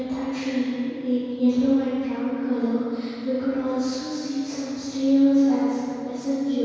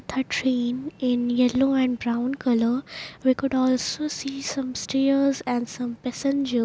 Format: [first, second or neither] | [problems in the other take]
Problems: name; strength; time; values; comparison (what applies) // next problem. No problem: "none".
second | room echo; dies away in 2.2 s